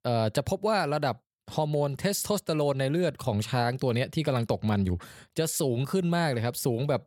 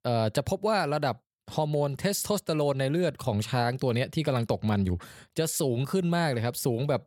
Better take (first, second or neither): neither